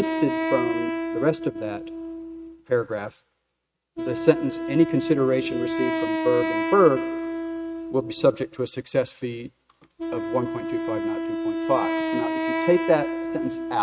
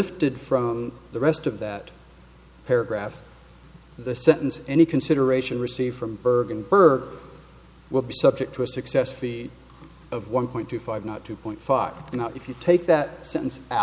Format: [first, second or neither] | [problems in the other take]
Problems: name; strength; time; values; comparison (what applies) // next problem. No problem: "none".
second | noise reduction (neural mask model RNNoise)